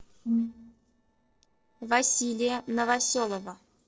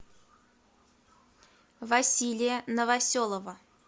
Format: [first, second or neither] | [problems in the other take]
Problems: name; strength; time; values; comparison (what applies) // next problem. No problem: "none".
second | noise reduction (neural separator model SepFormer DNS4)